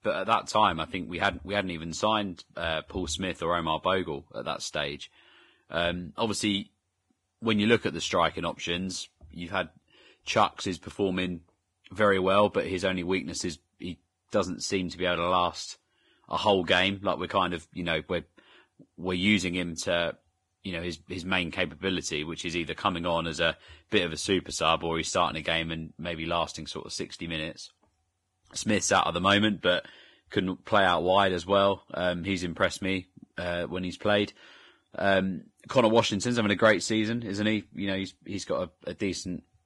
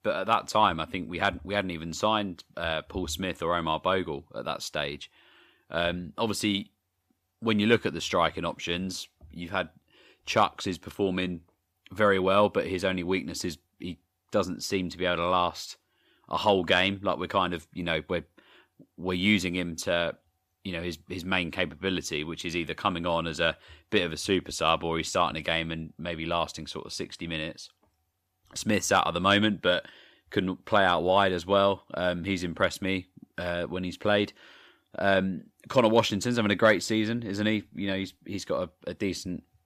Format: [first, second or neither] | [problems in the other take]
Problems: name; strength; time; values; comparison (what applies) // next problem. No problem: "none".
second | garbled, watery; badly; nothing above 10.5 kHz